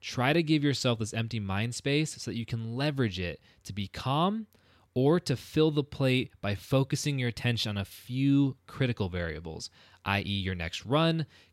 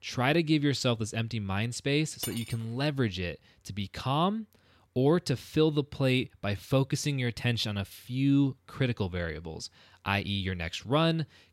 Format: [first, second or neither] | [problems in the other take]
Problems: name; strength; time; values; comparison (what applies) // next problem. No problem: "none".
first | clattering dishes; noticeable; at 2 s; peak 8 dB below the speech